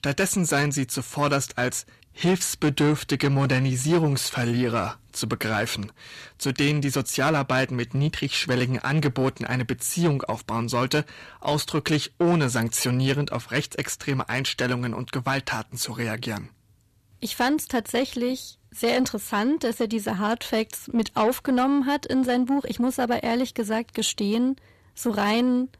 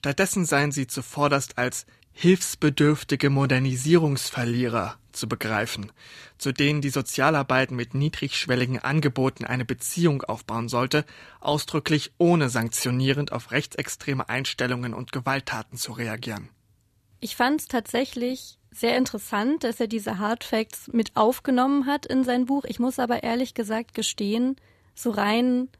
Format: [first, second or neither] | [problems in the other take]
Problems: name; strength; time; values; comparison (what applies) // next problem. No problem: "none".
second | distortion; slight; 10 dB below the speech